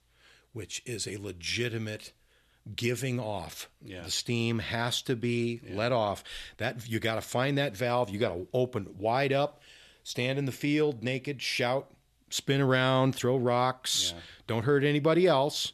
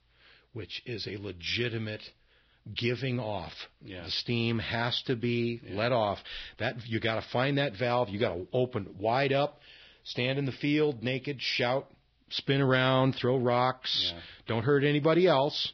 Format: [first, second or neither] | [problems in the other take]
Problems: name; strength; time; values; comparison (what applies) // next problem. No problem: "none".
first | garbled, watery; badly; nothing above 5.5 kHz